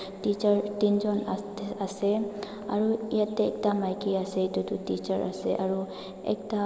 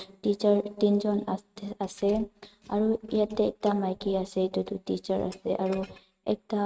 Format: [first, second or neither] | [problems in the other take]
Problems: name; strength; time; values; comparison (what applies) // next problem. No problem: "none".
first | noise reduction (neural mask model RNNoise)